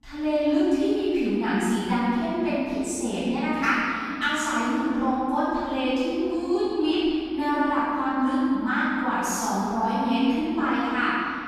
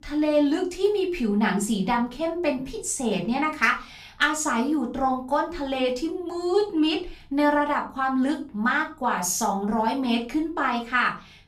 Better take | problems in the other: second | room echo; strong; dies away in 2.5 s; slight in the second // off-mic speech; far; far in the second

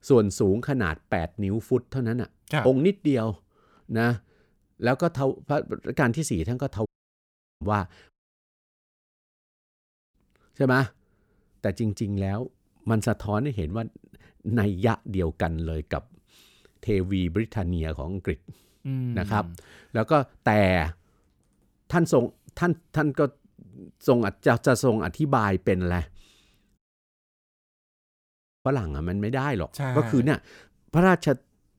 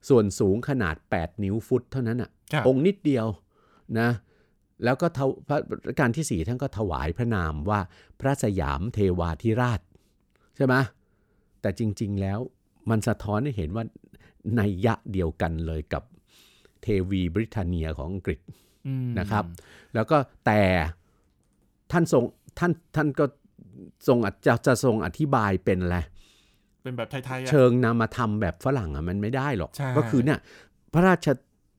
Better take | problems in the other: second | audio cutting out; at 7 s for 1 s, at 8 s for 2 s and at 27 s for 2 s

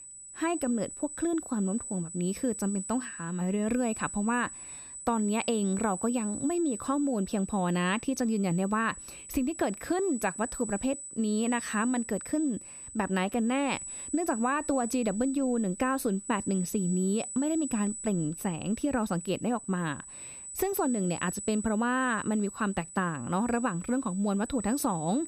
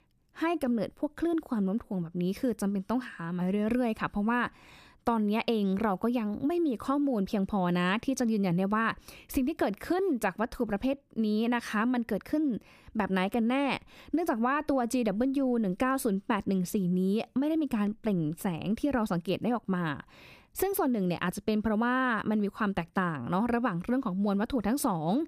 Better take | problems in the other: second | high-pitched whine; loud; throughout; 8 kHz, 9 dB below the speech

